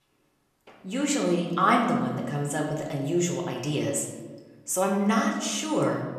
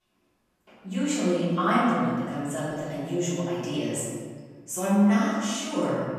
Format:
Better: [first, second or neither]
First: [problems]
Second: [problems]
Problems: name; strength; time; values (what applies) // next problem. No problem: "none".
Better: first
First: room echo; slight; dies away in 1.1 s // off-mic speech; somewhat distant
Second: room echo; strong; dies away in 1.6 s // off-mic speech; far